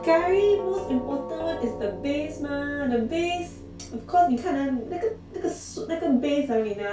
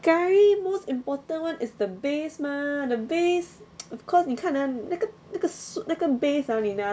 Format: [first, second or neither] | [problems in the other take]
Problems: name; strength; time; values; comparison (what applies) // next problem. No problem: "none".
second | background sound (Doorbell); 12 dB below the speech // room echo; dies away in 0.2 s